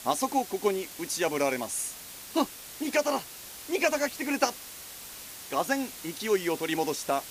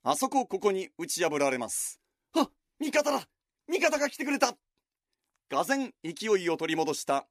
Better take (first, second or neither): second